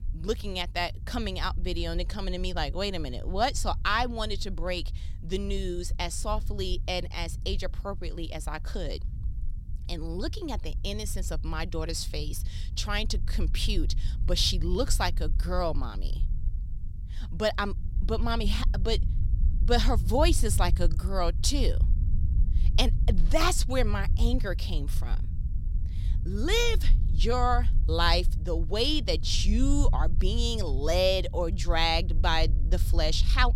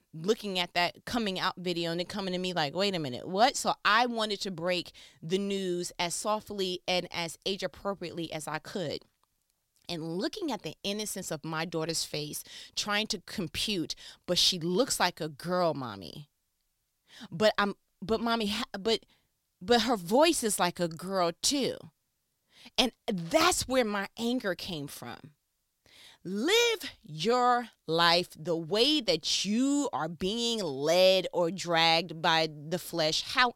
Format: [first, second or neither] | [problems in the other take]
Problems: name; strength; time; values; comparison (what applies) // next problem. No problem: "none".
second | low rumble; noticeable; throughout; 20 dB below the speech